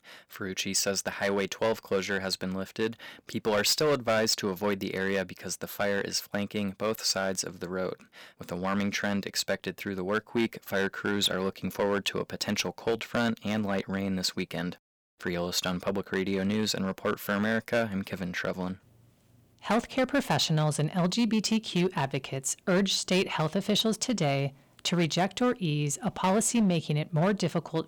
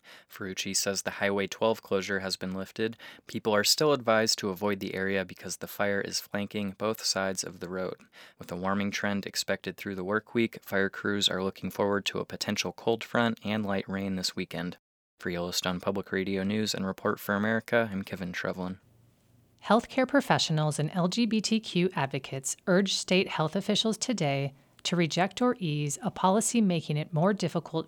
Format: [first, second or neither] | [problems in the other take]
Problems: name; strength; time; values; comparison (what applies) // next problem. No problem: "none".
second | distortion; slight; 5% of the sound clipped